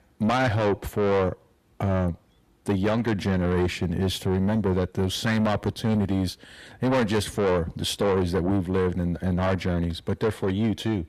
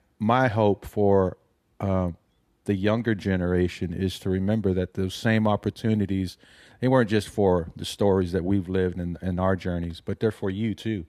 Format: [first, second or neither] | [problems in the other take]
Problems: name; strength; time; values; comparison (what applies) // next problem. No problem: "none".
second | distortion; heavy; 6 dB below the speech